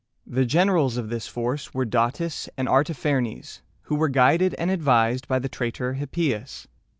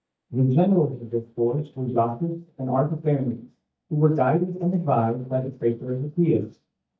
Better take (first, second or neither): first